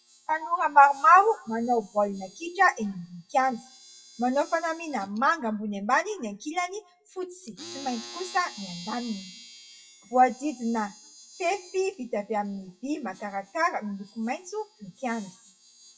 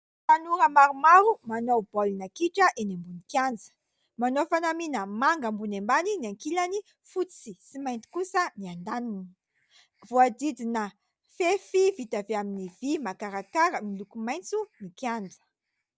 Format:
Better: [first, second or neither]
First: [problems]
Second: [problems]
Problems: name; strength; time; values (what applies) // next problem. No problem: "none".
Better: second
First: noise reduction (classical method WPE with log-MMSE)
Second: none